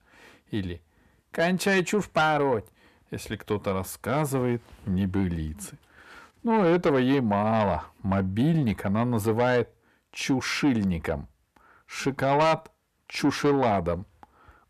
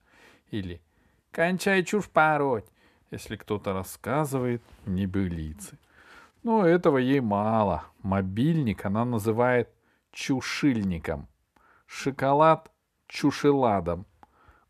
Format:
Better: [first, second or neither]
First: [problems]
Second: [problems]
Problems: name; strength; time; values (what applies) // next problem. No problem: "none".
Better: second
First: distortion; slight; 10 dB below the speech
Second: none